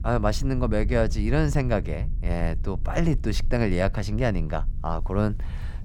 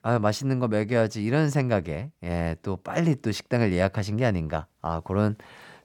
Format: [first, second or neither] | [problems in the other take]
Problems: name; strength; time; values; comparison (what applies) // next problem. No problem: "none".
second | low rumble; faint; throughout; 20 dB below the speech